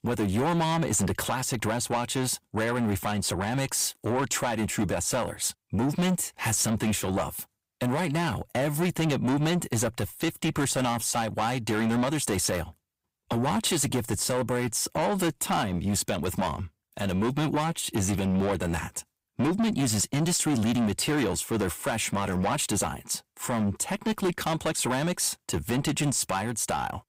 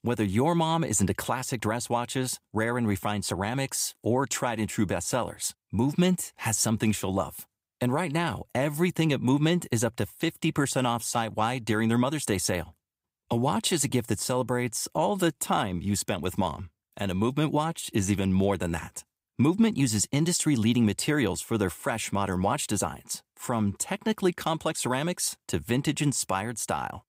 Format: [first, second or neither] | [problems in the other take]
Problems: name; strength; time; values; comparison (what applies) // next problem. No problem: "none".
second | distortion; heavy; 7 dB below the speech